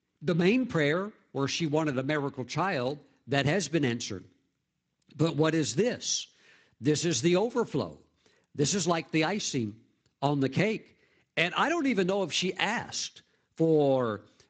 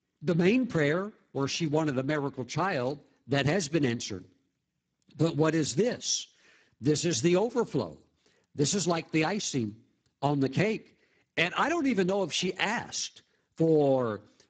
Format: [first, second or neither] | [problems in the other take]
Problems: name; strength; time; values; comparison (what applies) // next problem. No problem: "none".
first | garbled, watery; badly; nothing above 7.5 kHz; slightly in the first